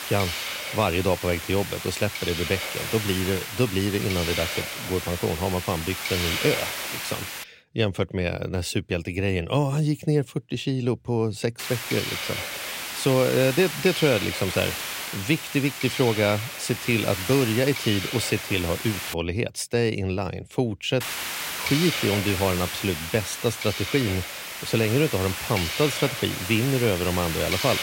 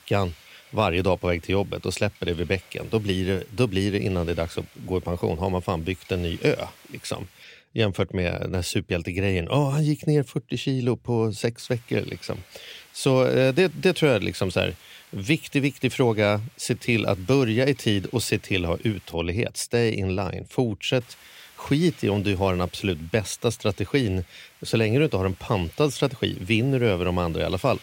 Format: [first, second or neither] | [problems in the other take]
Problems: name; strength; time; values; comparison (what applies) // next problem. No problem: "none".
second | hiss; loud; until 7.5 s, from 12 to 19 s and from 21 s on; 4 dB below the speech; faint in the second